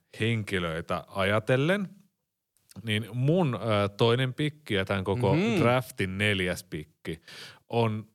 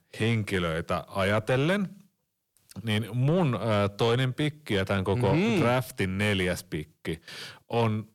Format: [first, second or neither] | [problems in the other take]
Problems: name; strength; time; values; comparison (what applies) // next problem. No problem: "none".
first | distortion; slight; 10 dB below the speech